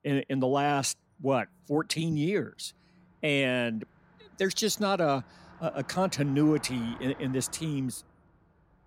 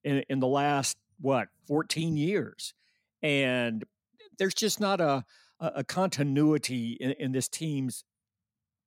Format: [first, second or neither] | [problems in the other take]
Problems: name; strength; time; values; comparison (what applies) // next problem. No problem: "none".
second | traffic noise; faint; throughout; 20 dB below the speech